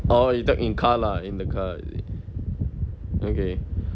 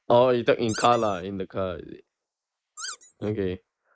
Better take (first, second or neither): first